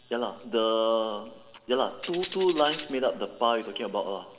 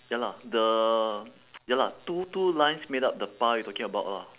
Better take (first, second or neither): second